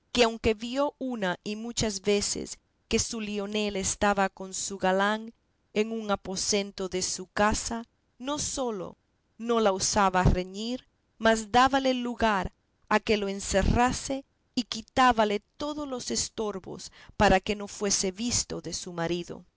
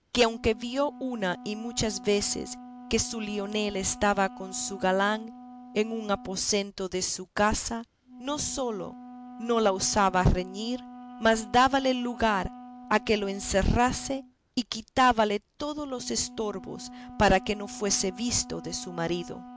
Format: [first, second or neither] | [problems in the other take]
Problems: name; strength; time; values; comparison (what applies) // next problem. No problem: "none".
first | background sound (Wind instrument, woodwind instrument); 17 dB below the speech